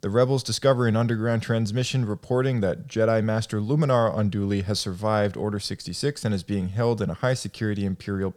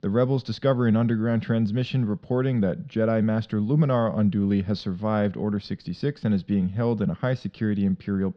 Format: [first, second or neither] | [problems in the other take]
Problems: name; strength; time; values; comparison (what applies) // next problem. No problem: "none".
first | muffled; slightly; fading above 4 kHz